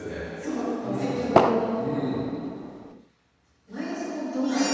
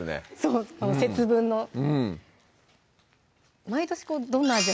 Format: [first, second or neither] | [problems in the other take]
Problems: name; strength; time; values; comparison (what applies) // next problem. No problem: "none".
second | background sound (Fireworks); 2 dB above the speech // room echo; dies away in 2.1 s